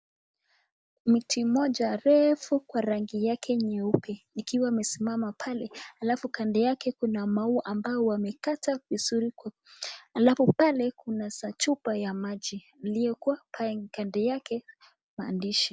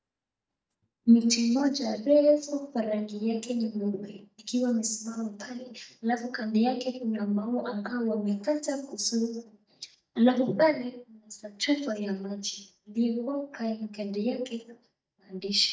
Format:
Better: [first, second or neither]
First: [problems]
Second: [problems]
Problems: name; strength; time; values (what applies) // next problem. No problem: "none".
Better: first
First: none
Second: noise reduction (neural mask model DeepFilterNet 3)